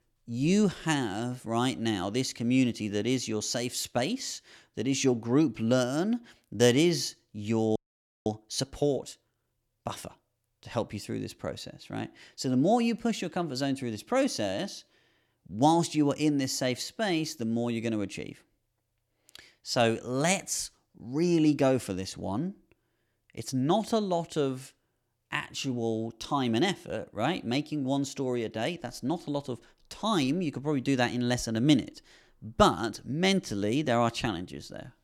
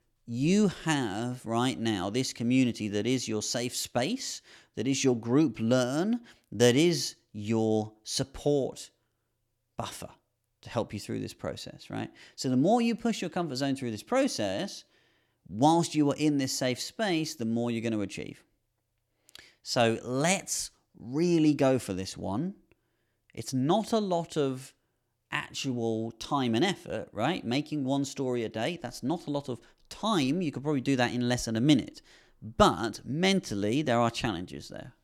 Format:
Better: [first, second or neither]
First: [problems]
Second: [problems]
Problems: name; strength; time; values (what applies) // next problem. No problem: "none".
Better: second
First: audio freezing; at 8 s for 0.5 s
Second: none